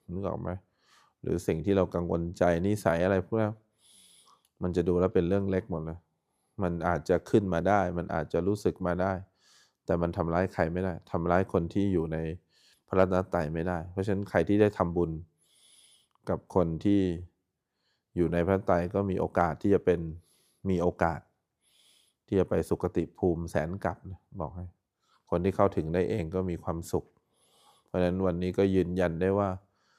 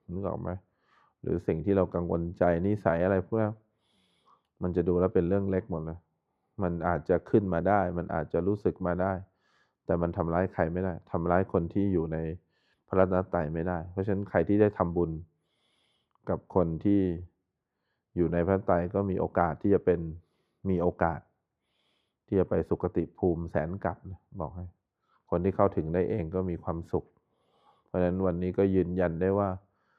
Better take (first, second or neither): first